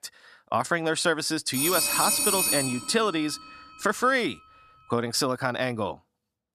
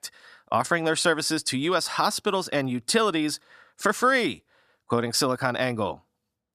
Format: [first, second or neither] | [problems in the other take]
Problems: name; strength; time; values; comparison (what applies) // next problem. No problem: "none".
second | phone ringing; loud; from 1.5 to 3.5 s; peak 5 dB above the speech